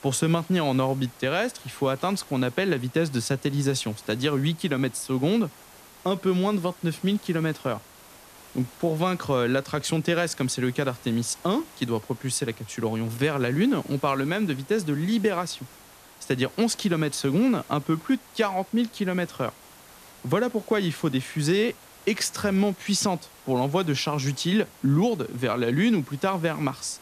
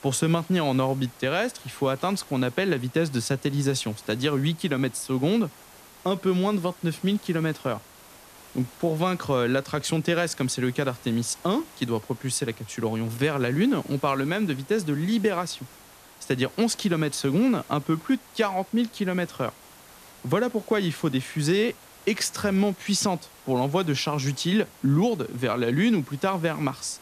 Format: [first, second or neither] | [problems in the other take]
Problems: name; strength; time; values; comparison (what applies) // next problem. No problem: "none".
neither | hiss; faint; throughout; 20 dB below the speech; the same in both